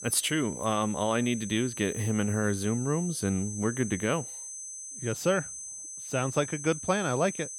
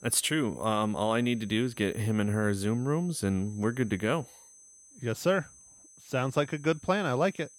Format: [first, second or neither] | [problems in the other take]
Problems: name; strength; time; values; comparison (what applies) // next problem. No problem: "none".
second | high-pitched whine; loud; throughout; 6 kHz, 8 dB below the speech; faint in the second